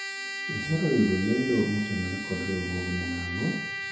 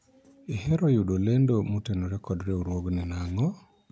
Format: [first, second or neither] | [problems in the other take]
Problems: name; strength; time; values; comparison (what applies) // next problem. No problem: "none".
second | background sound (Trumpet); 6 dB below the speech // room echo; dies away in 2.6 s